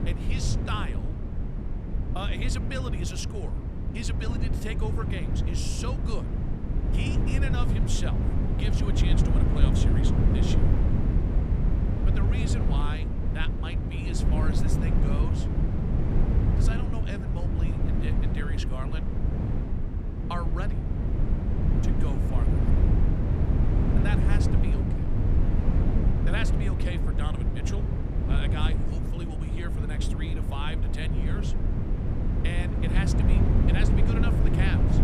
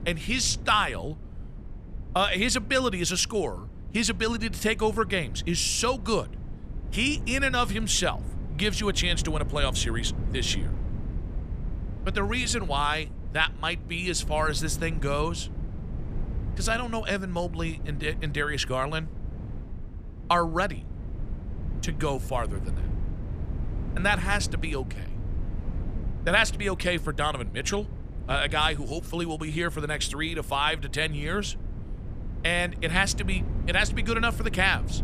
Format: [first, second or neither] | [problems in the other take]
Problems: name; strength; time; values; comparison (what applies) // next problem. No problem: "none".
second | wind noise on the microphone; heavy; as loud as the speech; occasional gusts in the second